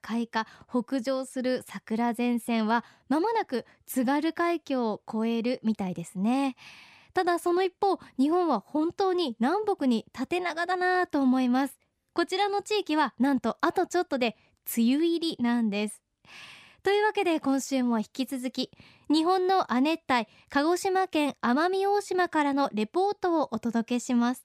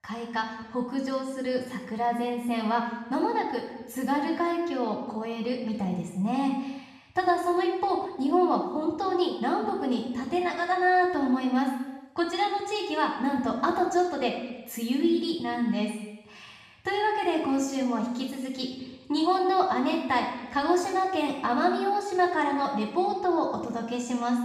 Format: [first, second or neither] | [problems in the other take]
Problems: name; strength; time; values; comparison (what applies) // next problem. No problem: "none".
first | room echo; noticeable; dies away in 1 s // off-mic speech; far